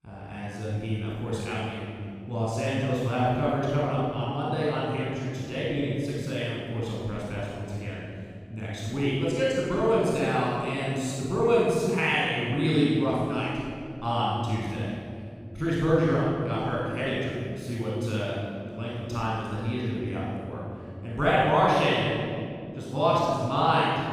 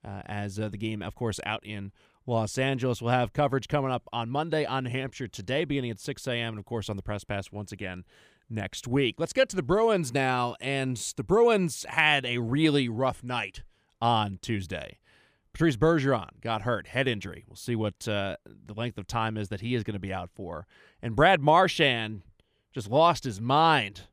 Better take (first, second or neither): second